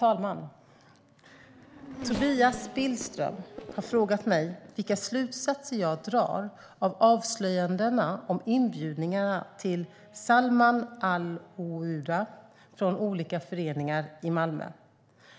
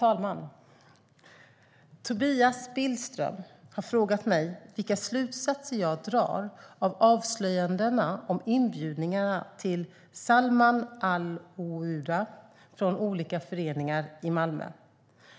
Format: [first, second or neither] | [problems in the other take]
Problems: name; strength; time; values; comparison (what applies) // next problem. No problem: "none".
second | background sound (Race car, auto racing / Accelerating, revving, vroom); 18 dB below the speech